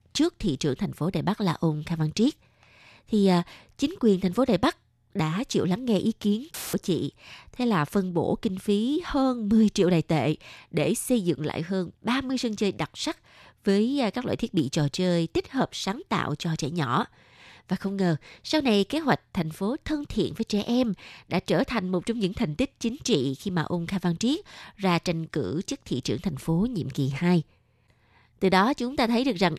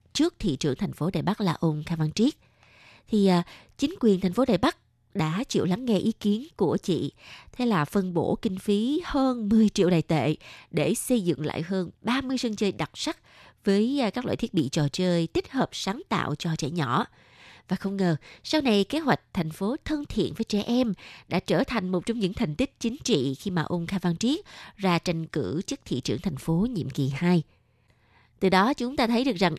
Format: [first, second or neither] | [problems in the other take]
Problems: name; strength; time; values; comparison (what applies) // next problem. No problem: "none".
second | audio cutting out; filled with static; at 6.5 s